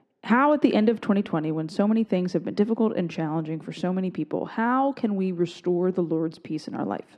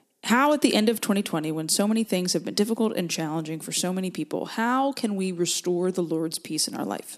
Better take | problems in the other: second | muffled; very; fading above 2 kHz

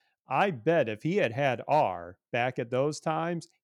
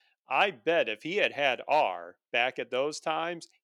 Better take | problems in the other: first | thin; somewhat; fading below 350 Hz

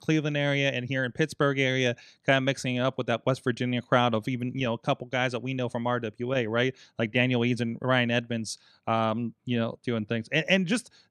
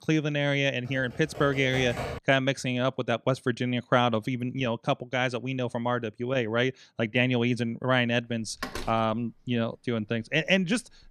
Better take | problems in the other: first | keyboard typing; noticeable; from 1 to 2 s; peak 7 dB below the speech // door banging; noticeable; from 8.5 s on; peak 9 dB below the speech

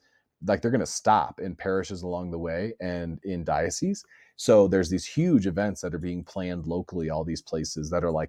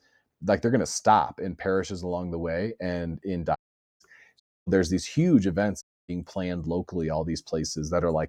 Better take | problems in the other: first | audio cutting out; at 3.5 s, at 4.5 s and at 6 s

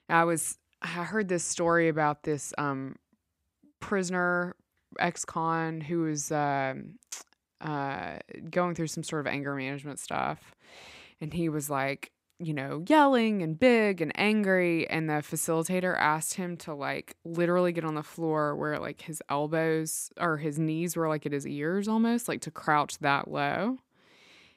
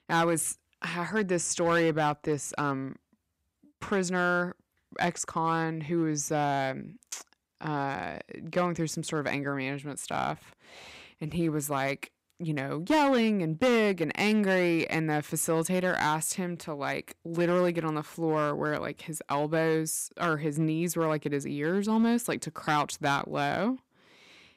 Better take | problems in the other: first | distortion; slight; 3% of the sound clipped

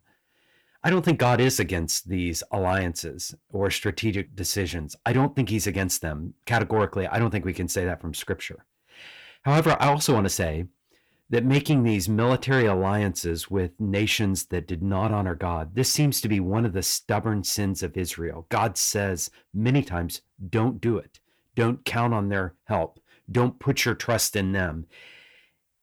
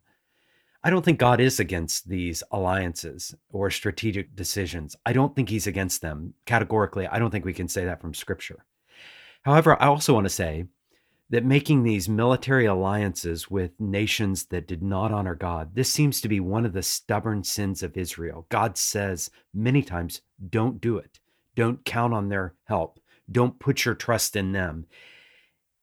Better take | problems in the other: second | distortion; slight; 10 dB below the speech

